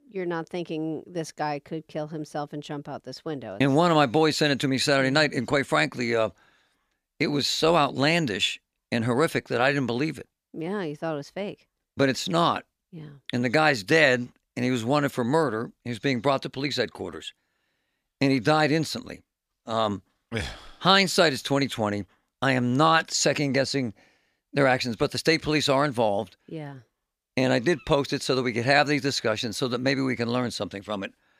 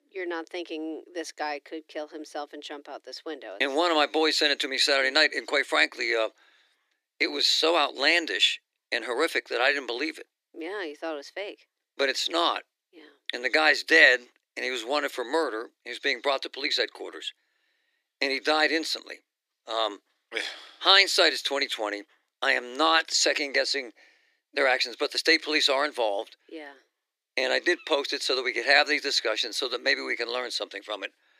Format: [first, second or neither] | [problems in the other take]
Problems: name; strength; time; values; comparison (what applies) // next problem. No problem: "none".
first | thin; very; fading below 300 Hz